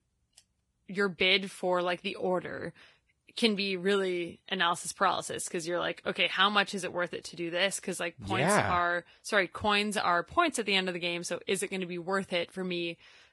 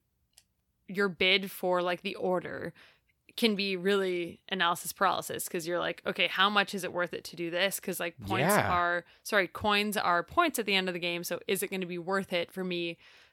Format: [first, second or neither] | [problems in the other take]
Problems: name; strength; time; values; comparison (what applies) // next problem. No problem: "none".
second | garbled, watery; badly; nothing above 11 kHz